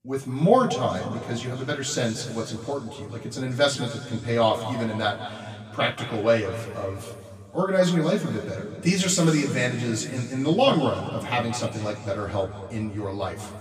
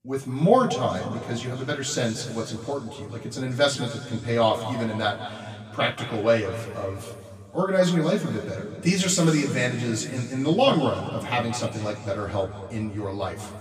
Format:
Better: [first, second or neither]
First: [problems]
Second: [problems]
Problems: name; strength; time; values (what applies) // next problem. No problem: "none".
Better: neither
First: room echo; noticeable; dies away in 2.3 s // off-mic speech; far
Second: room echo; noticeable; dies away in 2.3 s // off-mic speech; far